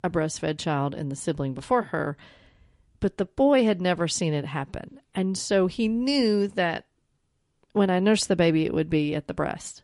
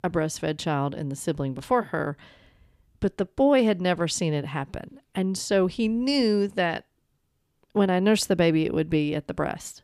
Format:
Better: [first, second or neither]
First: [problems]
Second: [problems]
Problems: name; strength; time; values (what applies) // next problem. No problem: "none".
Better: second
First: garbled, watery; slightly; nothing above 11 kHz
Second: none